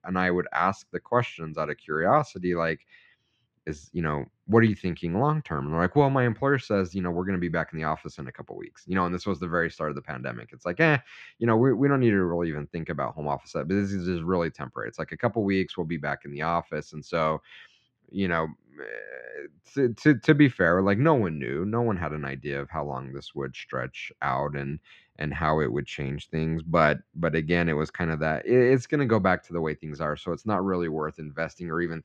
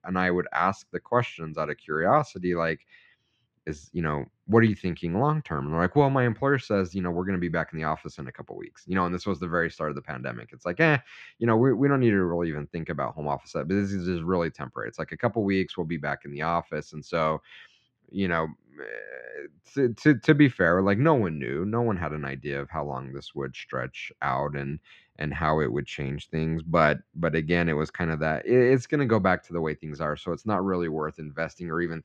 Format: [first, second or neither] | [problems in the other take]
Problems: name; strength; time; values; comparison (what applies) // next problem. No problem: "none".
neither | muffled; slightly; fading above 2.5 kHz; the same in both